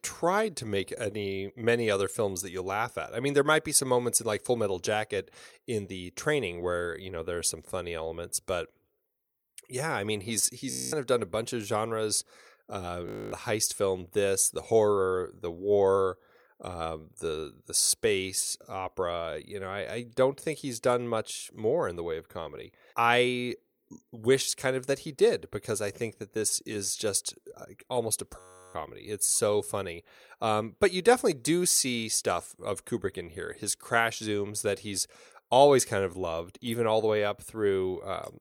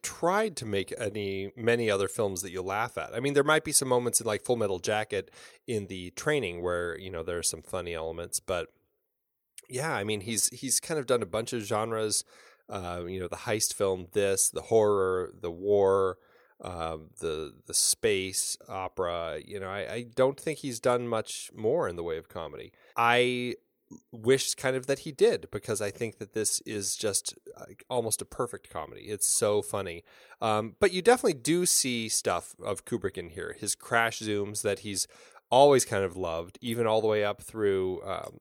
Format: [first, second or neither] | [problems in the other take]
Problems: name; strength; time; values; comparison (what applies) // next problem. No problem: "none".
second | audio freezing; at 11 s, at 13 s and at 28 s